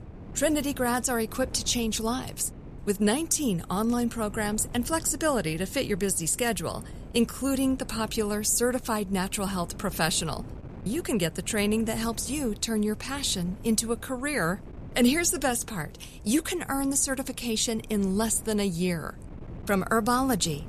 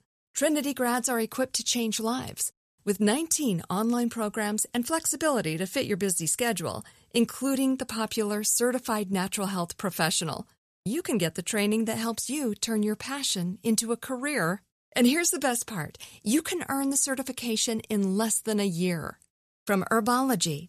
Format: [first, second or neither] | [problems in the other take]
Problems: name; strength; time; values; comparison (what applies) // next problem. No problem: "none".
second | wind noise on the microphone; occasional gusts; 20 dB below the speech